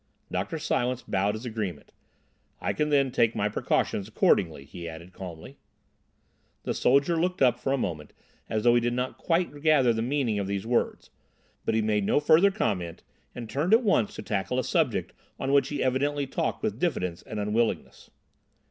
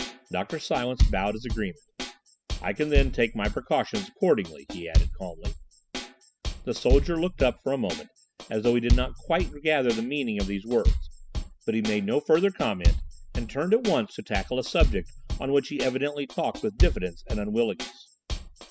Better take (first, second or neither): first